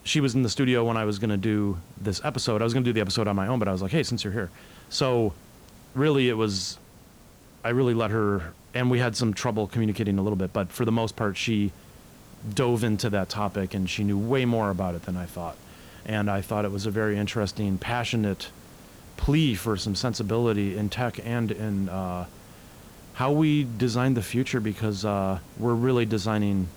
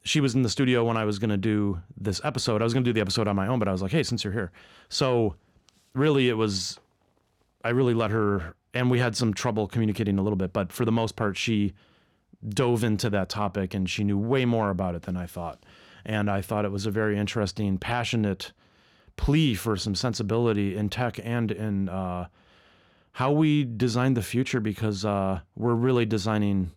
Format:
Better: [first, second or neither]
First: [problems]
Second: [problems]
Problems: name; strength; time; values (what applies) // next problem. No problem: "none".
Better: second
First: hiss; faint; throughout; 25 dB below the speech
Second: none